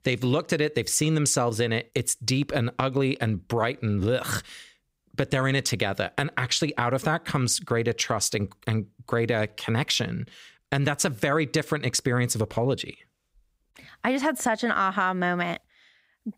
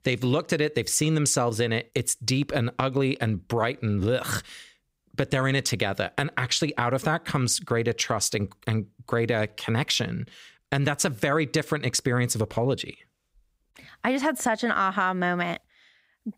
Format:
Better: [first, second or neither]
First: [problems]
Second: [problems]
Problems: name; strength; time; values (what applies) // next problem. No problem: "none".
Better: neither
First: none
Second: none